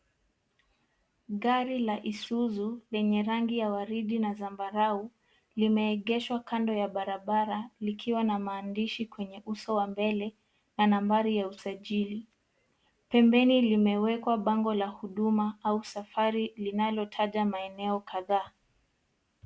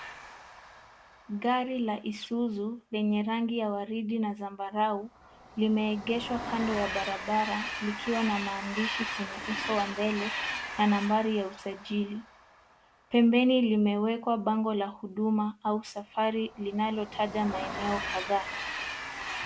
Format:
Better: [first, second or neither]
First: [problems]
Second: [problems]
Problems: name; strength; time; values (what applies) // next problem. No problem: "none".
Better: first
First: none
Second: background sound (Train); 10 dB below the speech